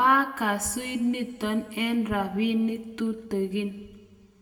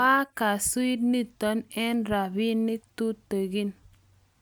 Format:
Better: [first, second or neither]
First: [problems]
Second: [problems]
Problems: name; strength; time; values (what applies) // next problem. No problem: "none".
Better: second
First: room echo; dies away in 1 s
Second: none